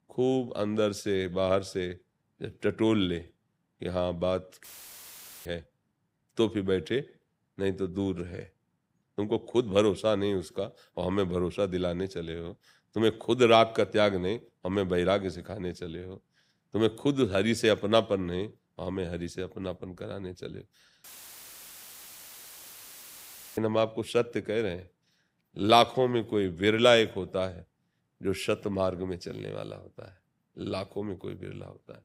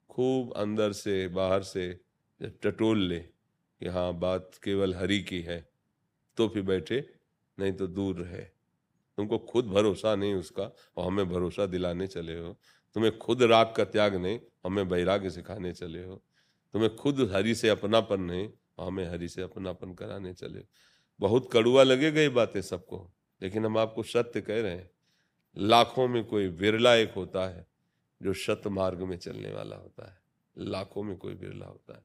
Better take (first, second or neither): second